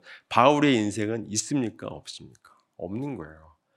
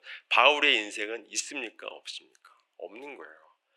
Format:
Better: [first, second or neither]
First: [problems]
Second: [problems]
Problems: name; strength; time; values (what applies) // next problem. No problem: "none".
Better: first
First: none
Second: thin; very; fading below 400 Hz